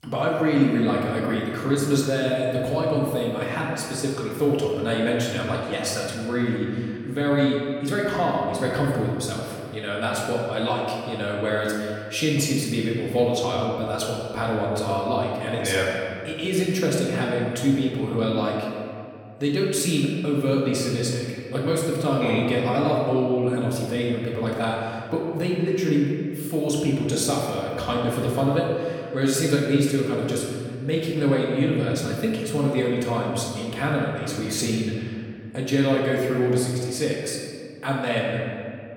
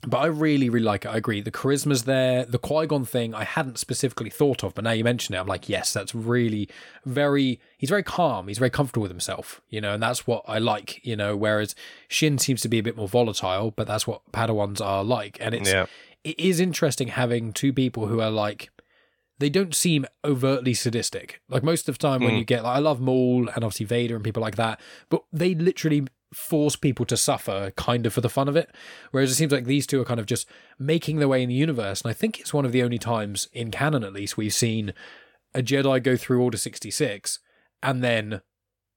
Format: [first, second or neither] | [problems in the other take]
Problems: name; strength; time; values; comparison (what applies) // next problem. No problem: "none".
second | off-mic speech; far // room echo; noticeable; dies away in 1.9 s